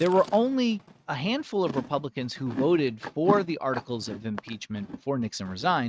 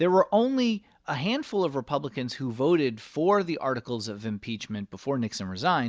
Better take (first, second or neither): second